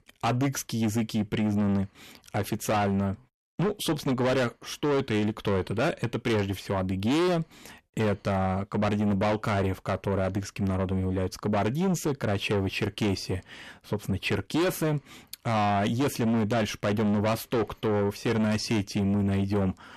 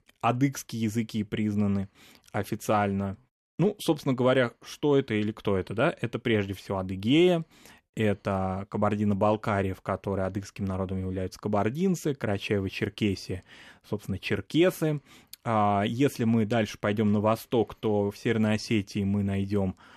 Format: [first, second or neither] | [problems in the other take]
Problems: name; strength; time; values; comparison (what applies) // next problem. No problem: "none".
second | distortion; heavy; 7 dB below the speech